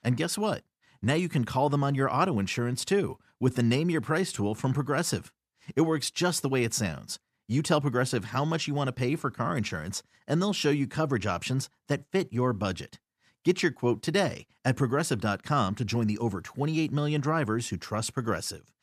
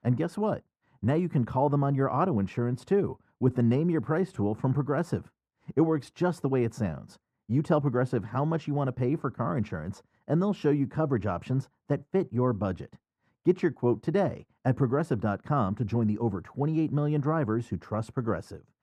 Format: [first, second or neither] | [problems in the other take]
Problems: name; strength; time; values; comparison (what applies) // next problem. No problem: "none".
first | muffled; very; fading above 2 kHz